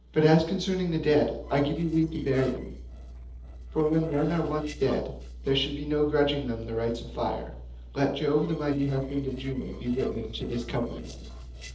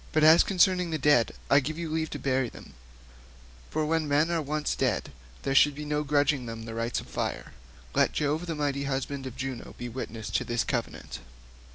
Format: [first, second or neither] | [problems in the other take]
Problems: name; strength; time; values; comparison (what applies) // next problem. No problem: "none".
second | noise reduction (neural separator model SepFormer DNS4)